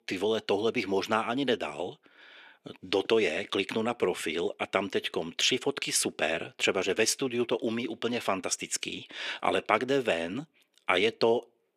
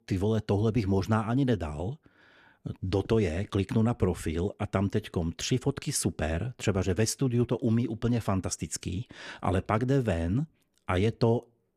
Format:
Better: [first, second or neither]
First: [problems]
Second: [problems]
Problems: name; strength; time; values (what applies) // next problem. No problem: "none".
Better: second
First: thin; somewhat; fading below 400 Hz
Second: none